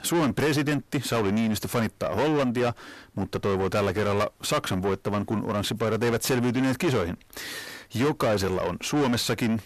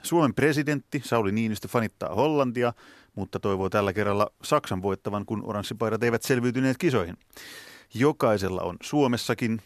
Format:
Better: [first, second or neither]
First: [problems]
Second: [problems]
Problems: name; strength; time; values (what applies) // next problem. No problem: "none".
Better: second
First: distortion; heavy; 7 dB below the speech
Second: none